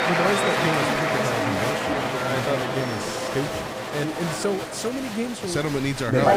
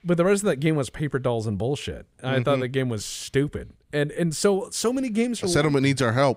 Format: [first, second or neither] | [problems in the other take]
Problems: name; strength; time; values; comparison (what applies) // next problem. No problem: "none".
second | crowd noise; very loud; throughout; 3 dB above the speech